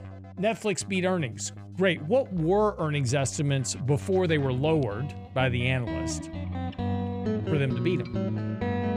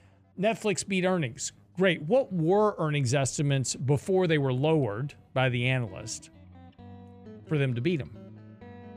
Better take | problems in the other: second | background music; loud; throughout; 7 dB below the speech; faint in the second

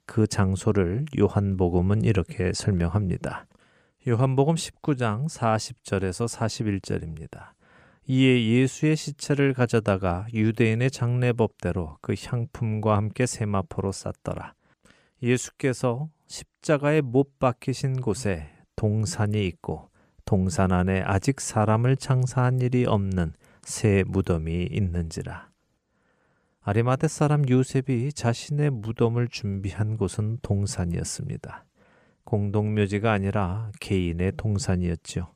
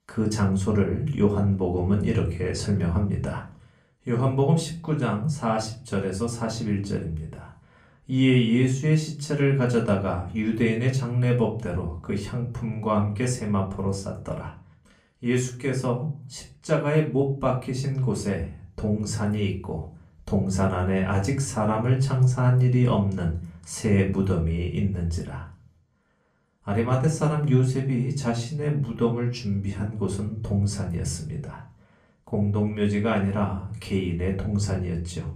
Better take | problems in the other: first | off-mic speech; far // room echo; very slight; dies away in 0.3 s

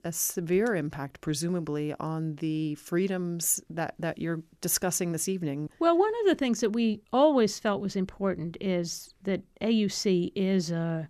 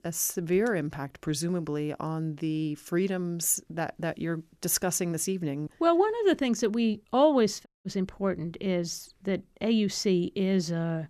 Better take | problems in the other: first | audio cutting out; at 7.5 s

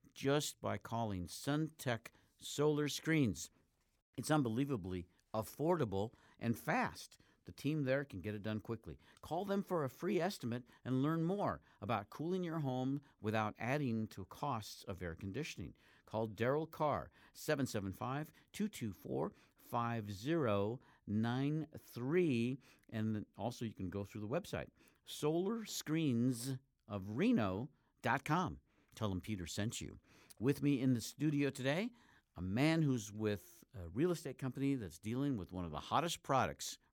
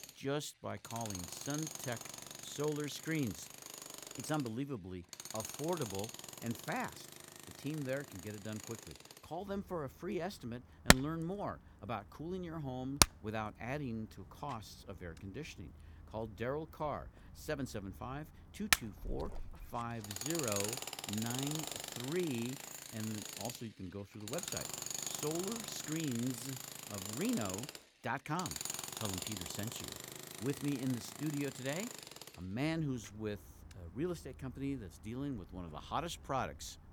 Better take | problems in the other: first | machinery noise; very loud; throughout; 2 dB above the speech

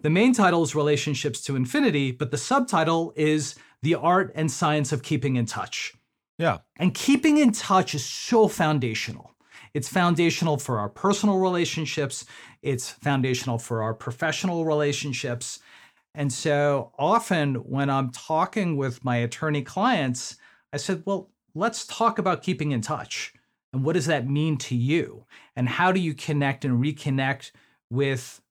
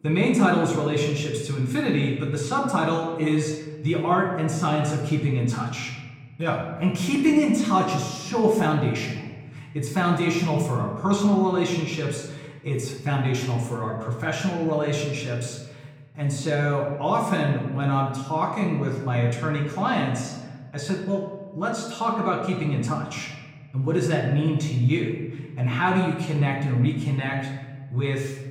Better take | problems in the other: first | off-mic speech; far // room echo; noticeable; dies away in 1.3 s

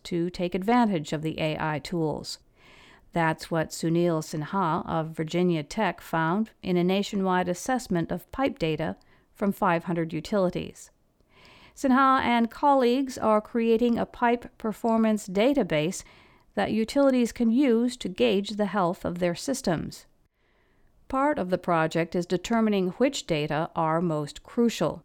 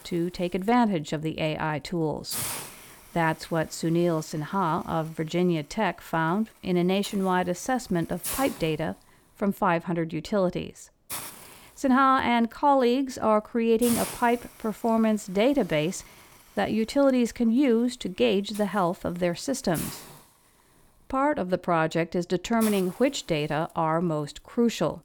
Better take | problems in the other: first | hiss; noticeable; throughout; 10 dB below the speech

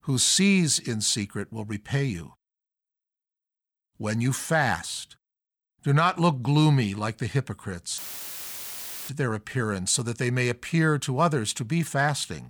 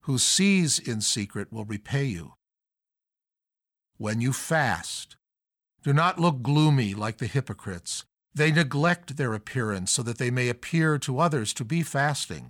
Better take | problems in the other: second | audio cutting out; filled with static; at 8 s for 1 s

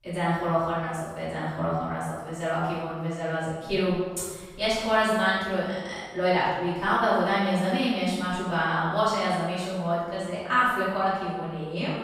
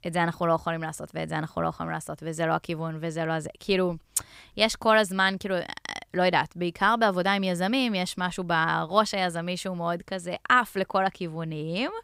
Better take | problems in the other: second | off-mic speech; far // room echo; strong; dies away in 1.2 s

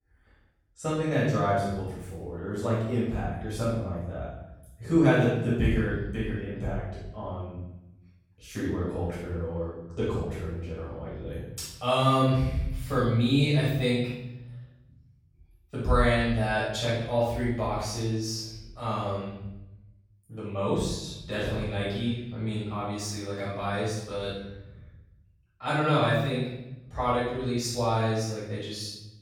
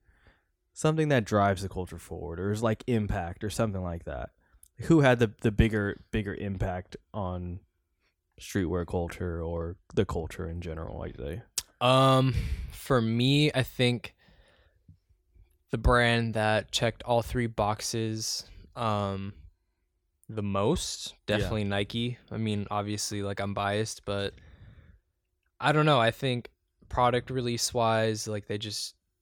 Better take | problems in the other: second | off-mic speech; far // room echo; strong; dies away in 0.9 s

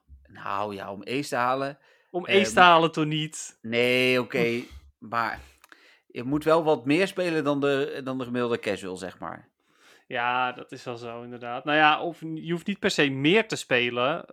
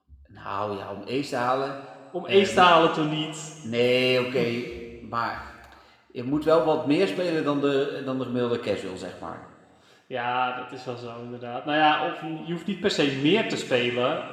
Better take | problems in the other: first | room echo; noticeable; dies away in 1.5 s // off-mic speech; somewhat distant

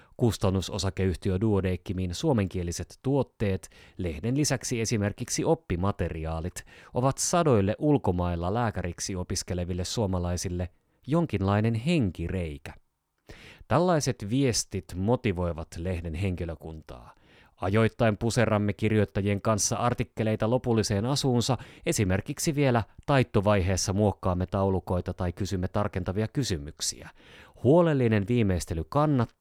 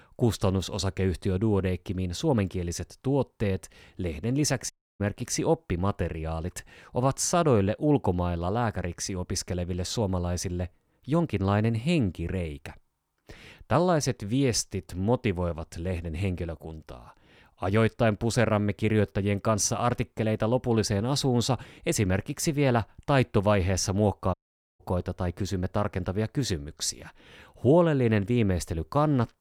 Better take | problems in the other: first | audio cutting out; at 4.5 s and at 24 s

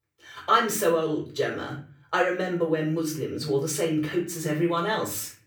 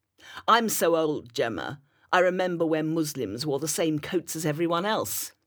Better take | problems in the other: second | off-mic speech; far // room echo; slight; dies away in 0.4 s

